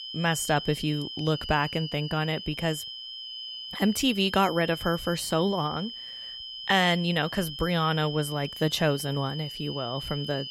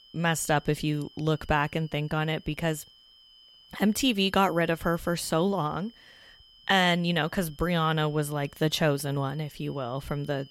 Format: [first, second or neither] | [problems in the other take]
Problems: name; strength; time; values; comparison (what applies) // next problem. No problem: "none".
second | high-pitched whine; loud; throughout; 3 kHz, 9 dB below the speech; faint in the second